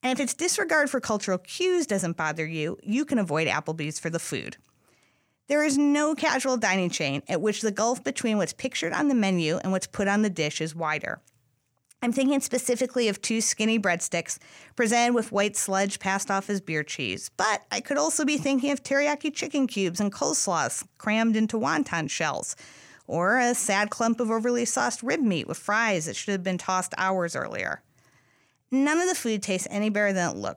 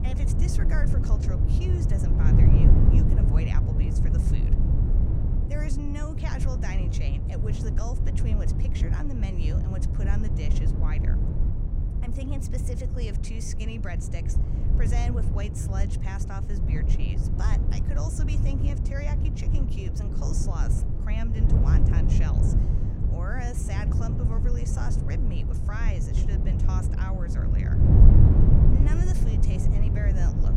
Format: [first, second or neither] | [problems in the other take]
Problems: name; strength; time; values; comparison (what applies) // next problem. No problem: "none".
first | wind noise on the microphone; heavy; 2 dB above the speech